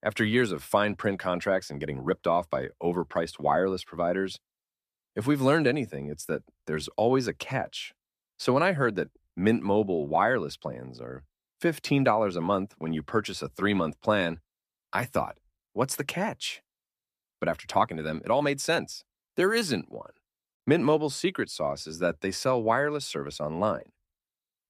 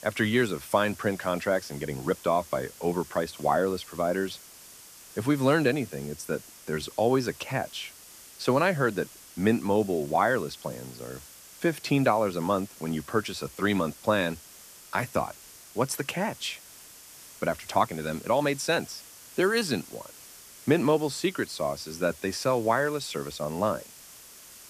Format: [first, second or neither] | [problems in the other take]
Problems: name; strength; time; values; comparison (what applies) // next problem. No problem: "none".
first | hiss; noticeable; throughout; 20 dB below the speech